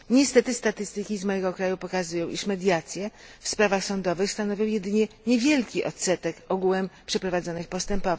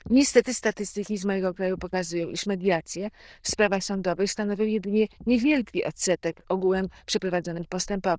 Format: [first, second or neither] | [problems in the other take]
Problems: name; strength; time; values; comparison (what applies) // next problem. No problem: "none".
first | noise reduction (neural diffusion model UNIVERSE++)